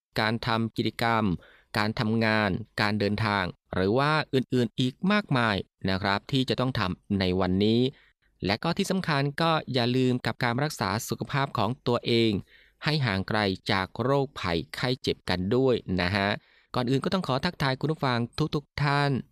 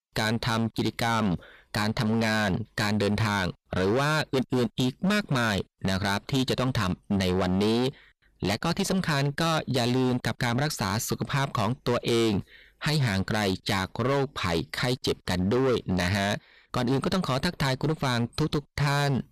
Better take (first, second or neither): first